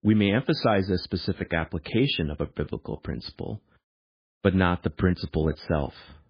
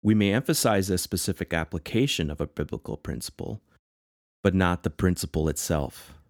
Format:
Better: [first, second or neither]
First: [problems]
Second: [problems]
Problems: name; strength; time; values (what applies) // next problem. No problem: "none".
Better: second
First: garbled, watery; badly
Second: none